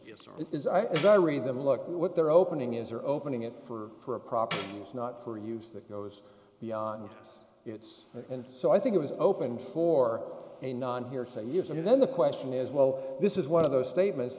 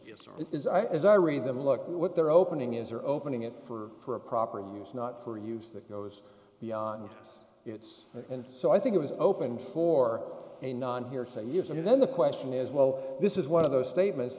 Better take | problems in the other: second | background sound (Tambourine); 15 dB below the speech

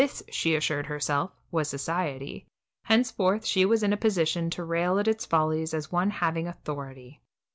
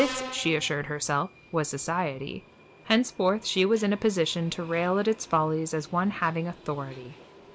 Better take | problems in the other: first | background sound (Subway, metro, underground); 17 dB below the speech

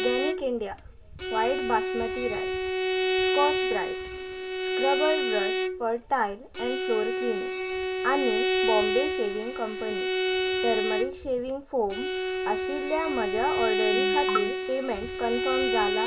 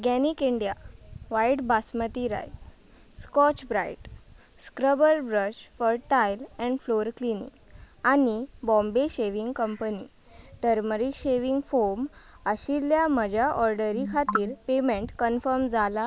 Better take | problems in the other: second | background sound (Bowed string instrument); 2 dB above the speech // room echo; dies away in 0.2 s

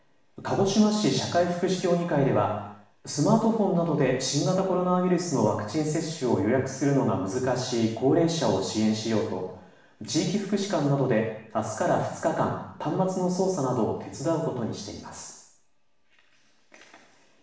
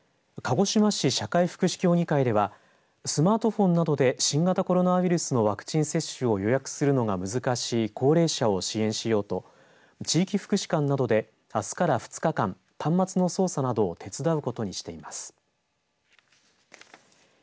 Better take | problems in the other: second | room echo; dies away in 0.7 s

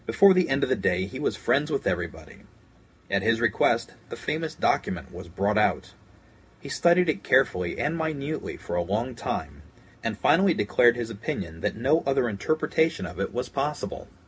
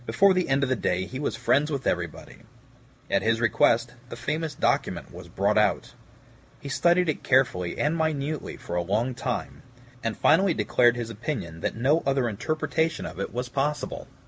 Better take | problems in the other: second | room echo; dies away in 0.3 s

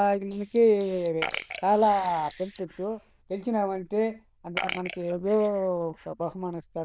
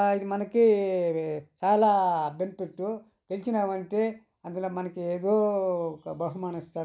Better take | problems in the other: second | noise reduction (neural diffusion model UNIVERSE++)

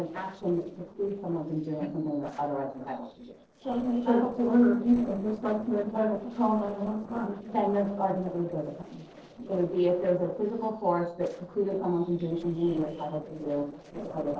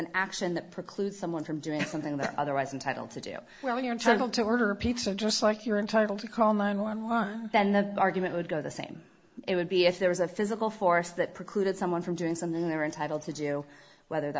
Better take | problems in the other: second | noise reduction (neural separator model SepFormer DNS4)

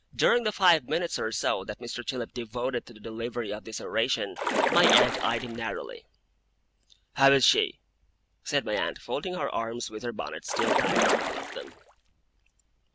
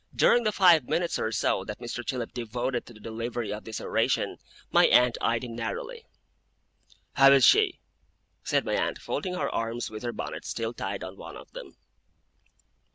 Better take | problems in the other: second | background sound (Splash, splatter); 2 dB above the speech

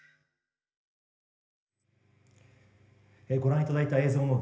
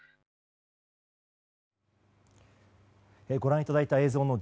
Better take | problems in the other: second | room echo; dies away in 1.4 s

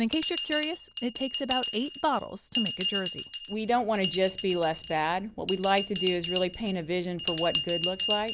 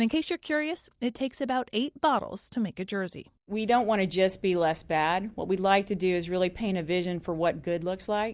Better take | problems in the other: second | background sound (Bell); 6 dB below the speech

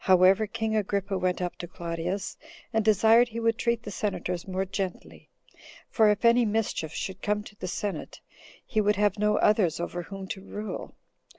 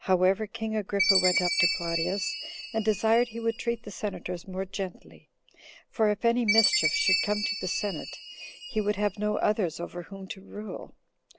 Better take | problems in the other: first | background sound (Chime); 4 dB below the speech

